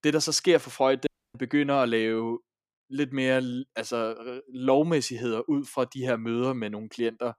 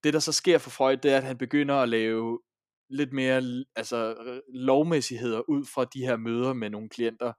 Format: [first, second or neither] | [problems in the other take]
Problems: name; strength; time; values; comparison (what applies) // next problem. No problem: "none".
second | audio cutting out; at 1 s